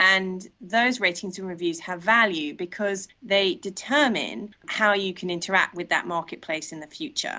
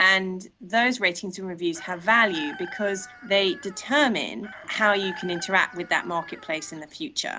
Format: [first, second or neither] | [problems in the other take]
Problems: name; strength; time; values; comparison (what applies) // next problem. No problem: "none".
first | background sound (Chicken, rooster); 16 dB below the speech